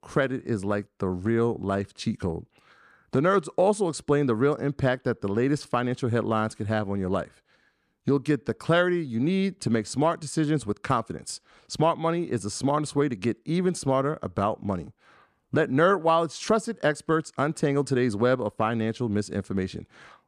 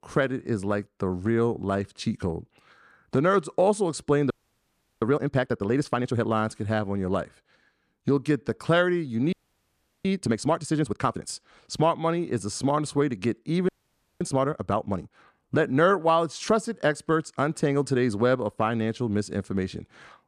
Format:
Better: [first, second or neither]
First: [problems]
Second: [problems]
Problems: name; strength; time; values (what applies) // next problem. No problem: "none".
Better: first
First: none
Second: audio freezing; at 4.5 s for 0.5 s, at 9.5 s for 0.5 s and at 14 s for 0.5 s